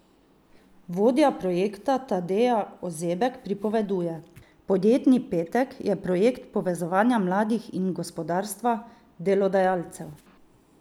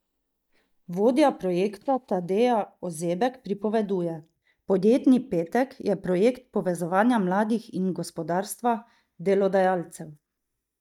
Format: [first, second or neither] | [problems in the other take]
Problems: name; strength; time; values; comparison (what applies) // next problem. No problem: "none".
first | noise reduction (neural mask model DeepFilterNet 3)